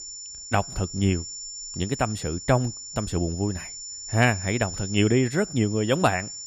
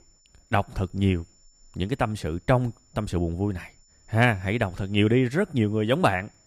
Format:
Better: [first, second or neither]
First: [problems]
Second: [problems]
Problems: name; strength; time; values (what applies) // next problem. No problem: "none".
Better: second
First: high-pitched whine; loud; throughout; 7 kHz, 10 dB below the speech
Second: high-pitched whine; faint; throughout; 7 kHz, 35 dB below the speech